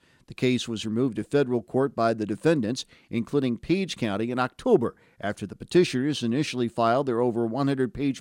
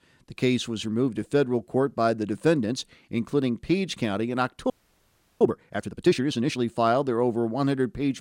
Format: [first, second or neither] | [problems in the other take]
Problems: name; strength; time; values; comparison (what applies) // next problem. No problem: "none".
first | audio freezing; at 4.5 s for 0.5 s